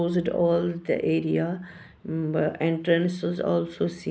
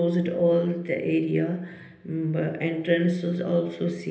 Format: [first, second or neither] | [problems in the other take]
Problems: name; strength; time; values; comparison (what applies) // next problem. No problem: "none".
first | room echo; dies away in 1.4 s